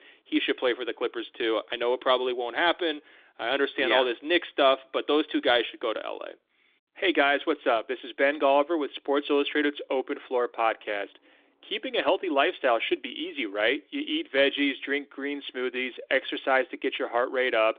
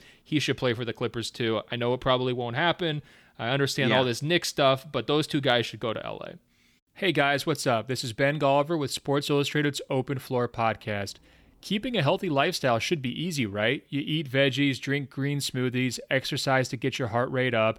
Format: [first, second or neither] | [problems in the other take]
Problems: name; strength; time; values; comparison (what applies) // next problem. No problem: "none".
second | phone-call audio; nothing above 3.5 kHz